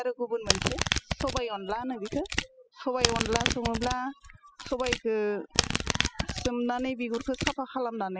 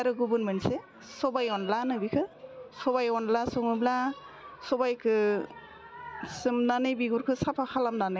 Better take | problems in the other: second | noise reduction (classical method spectral subtraction)

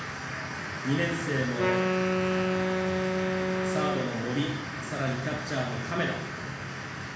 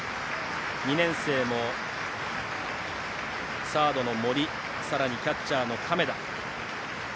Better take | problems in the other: second | background sound (Wind instrument, woodwind instrument); 2 dB above the speech // room echo; dies away in 1.1 s

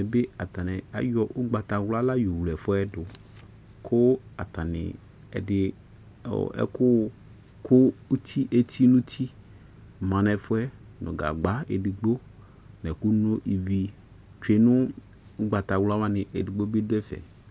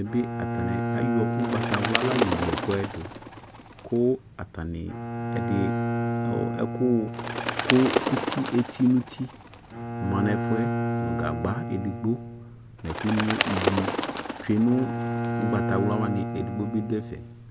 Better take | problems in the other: first | background sound (Bowed string instrument + Bird); 1 dB below the speech

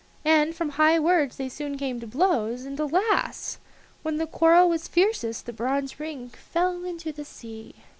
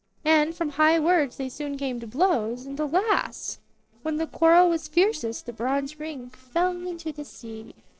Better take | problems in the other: first | noise reduction (neural separator model SepFormer DNS4)

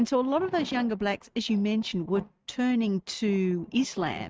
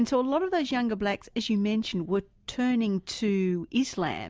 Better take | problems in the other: second | noise reduction (neural mask model RNNoise)

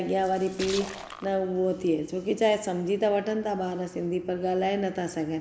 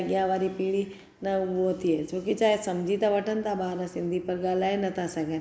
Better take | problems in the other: second | background sound (Splash, splatter); 13 dB below the speech

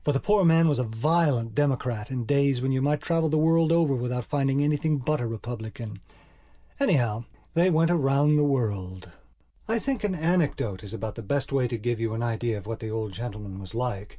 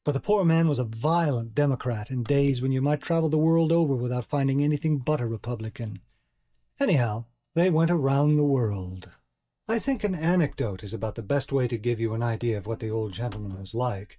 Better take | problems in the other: first | noise reduction (neural mask model DeepFilterNet 3)

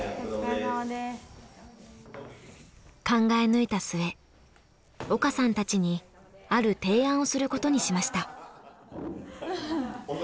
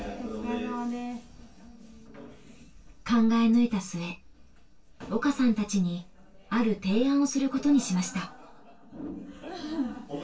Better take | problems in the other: first | room echo; dies away in 0.1 s

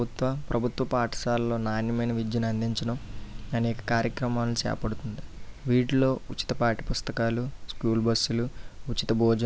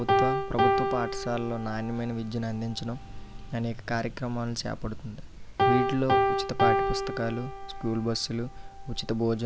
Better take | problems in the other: first | background sound (Piano); 1 dB above the speech

